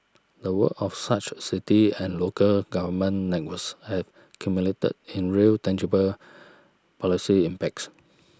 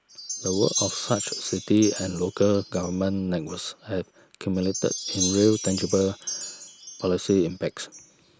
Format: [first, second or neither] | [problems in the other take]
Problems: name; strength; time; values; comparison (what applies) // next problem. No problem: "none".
first | background sound (Wind chime); 9 dB below the speech